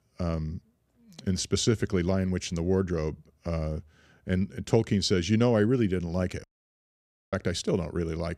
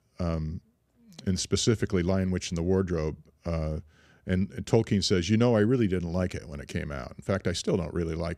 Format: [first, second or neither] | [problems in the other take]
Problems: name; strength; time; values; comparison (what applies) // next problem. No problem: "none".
second | audio cutting out; at 6.5 s for 1 s